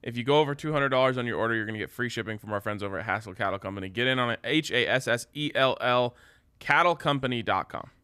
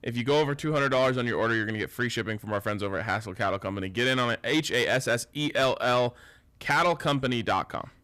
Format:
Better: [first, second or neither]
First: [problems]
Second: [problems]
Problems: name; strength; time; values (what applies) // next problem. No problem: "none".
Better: first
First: none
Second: distortion; slight; 10 dB below the speech